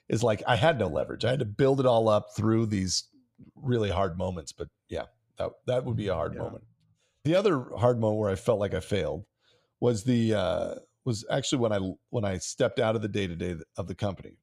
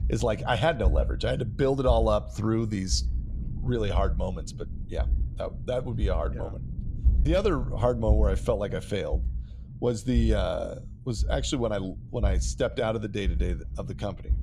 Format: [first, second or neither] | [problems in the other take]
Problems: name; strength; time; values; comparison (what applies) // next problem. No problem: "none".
first | low rumble; faint; throughout; 20 dB below the speech